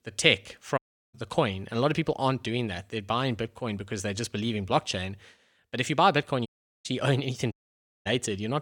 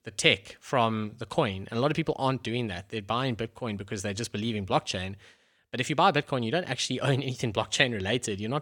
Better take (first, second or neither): second